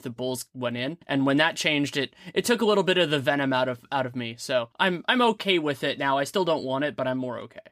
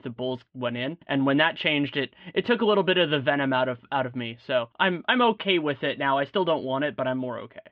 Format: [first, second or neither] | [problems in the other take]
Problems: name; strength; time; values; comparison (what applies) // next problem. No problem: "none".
first | muffled; very; fading above 3 kHz